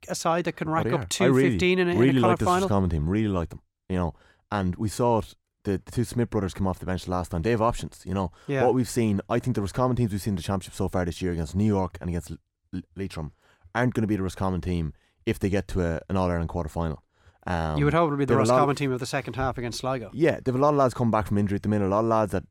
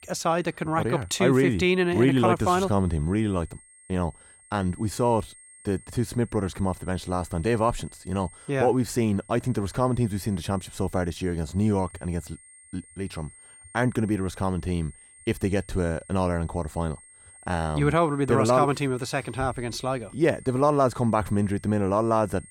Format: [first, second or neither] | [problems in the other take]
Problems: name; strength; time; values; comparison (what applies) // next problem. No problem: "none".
first | high-pitched whine; faint; throughout; 8.5 kHz, 25 dB below the speech